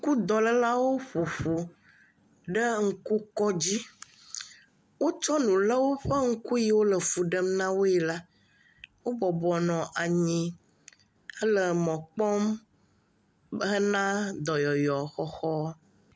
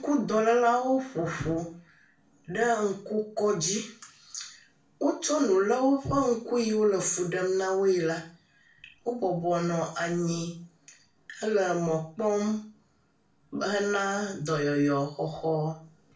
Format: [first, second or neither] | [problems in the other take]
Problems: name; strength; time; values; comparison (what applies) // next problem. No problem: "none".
first | room echo; dies away in 0.4 s